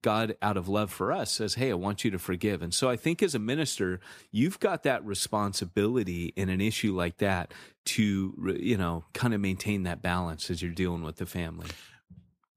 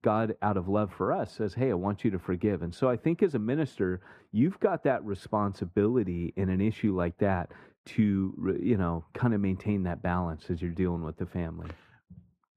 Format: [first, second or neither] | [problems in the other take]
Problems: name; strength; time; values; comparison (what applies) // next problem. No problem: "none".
first | muffled; very; fading above 3 kHz